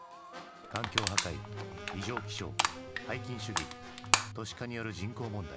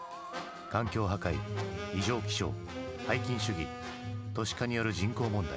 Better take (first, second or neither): second